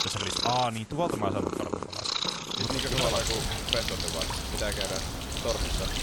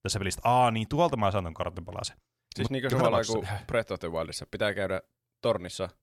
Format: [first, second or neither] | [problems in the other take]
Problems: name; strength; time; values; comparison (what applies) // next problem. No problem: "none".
second | animal sounds; very loud; throughout; 3 dB above the speech